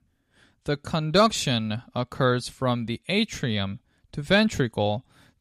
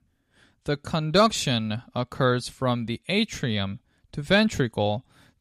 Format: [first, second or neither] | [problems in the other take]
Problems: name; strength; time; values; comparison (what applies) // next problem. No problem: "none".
neither | none